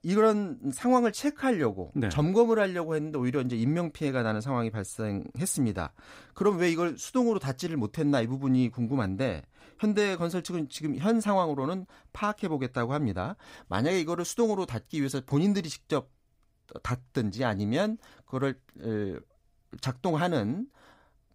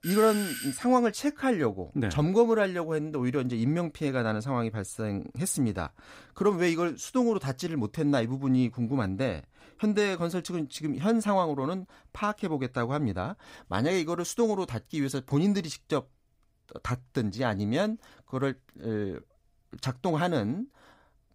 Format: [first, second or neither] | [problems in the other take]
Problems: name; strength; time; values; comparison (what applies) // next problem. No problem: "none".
first | doorbell; noticeable; at the start; peak 5 dB below the speech